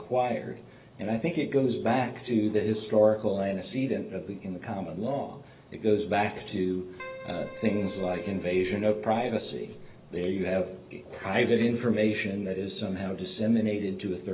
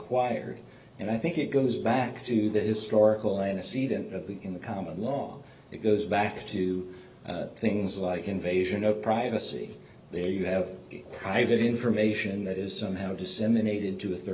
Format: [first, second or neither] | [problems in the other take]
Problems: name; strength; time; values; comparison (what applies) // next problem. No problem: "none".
second | background sound (Keyboard (musical)); 16 dB below the speech